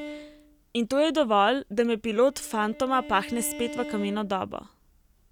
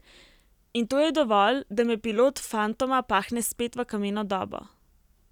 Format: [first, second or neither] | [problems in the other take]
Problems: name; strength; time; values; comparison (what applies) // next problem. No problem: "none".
second | background sound (Bowed string instrument); 16 dB below the speech